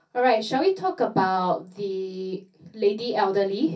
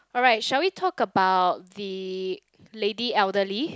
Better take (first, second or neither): second